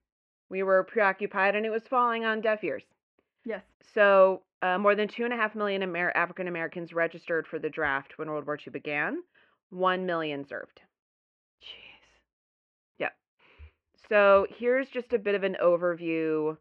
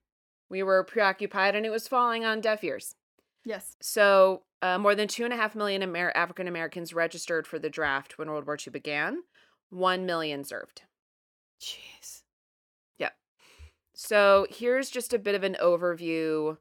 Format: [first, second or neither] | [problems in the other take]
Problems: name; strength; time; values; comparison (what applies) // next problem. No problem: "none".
second | muffled; very; fading above 2.5 kHz